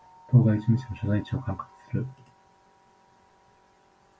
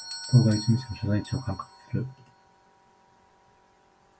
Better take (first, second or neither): first